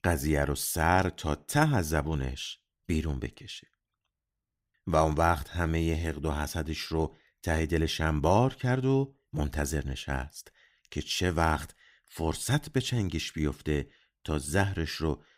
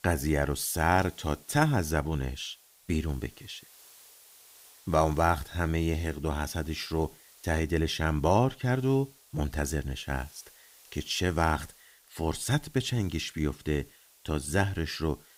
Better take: first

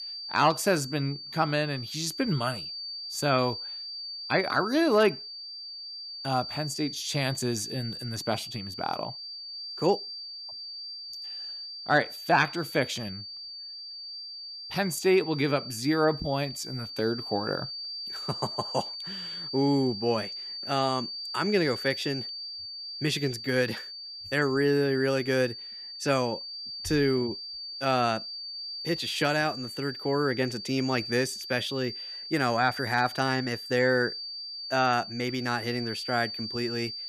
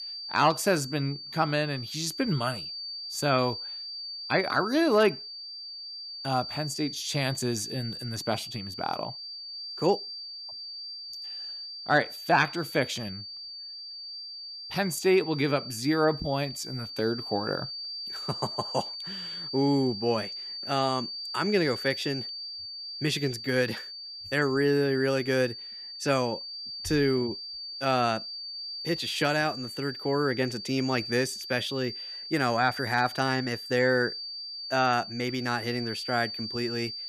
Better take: neither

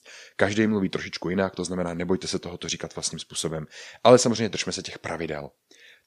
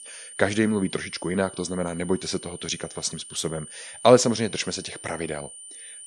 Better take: first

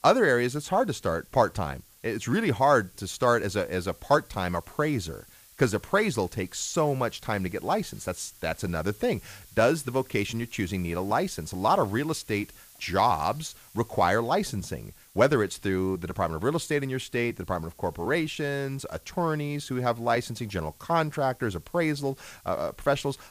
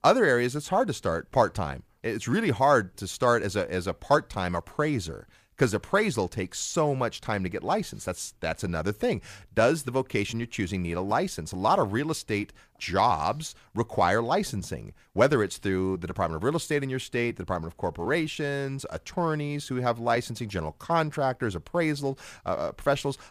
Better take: second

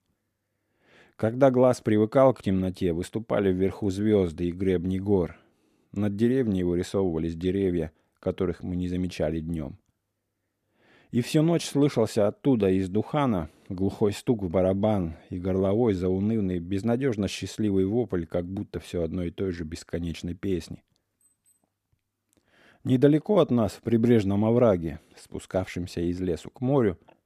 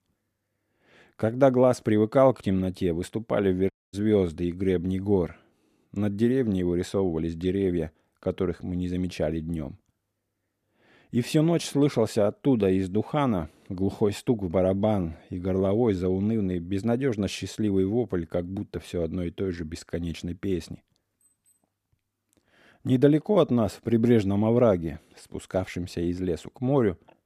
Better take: first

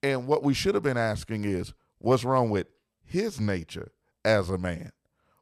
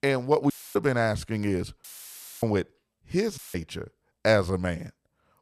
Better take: first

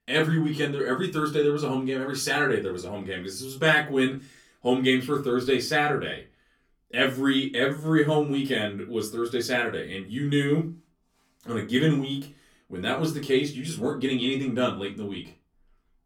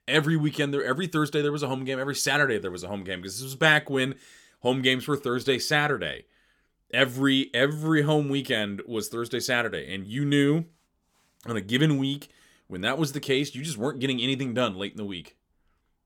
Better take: second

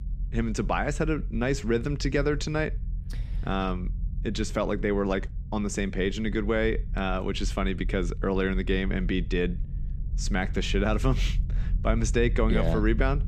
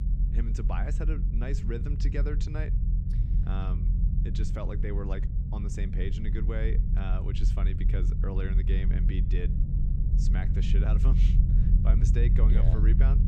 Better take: first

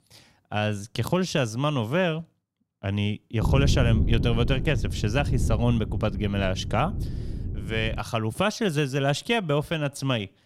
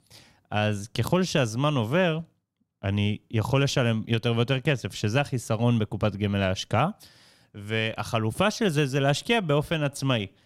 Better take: second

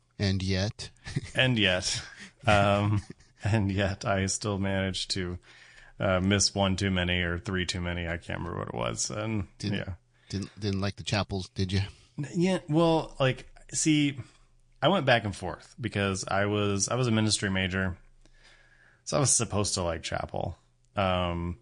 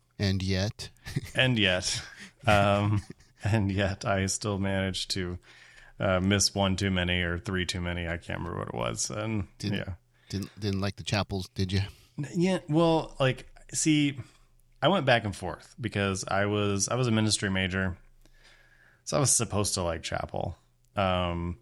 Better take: second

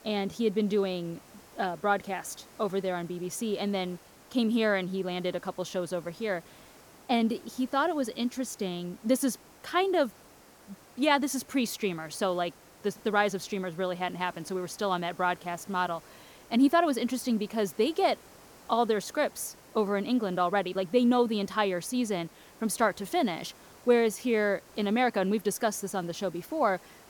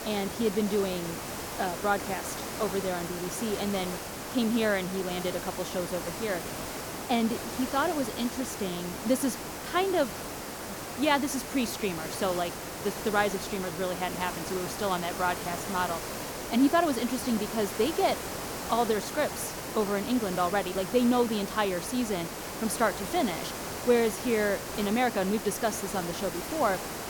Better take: first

